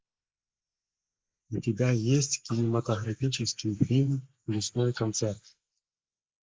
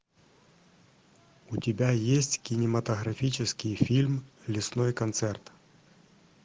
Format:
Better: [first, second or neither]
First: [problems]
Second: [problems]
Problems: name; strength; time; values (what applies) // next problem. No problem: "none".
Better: second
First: noise reduction (neural mask model Resemble Enhance denoiser)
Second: none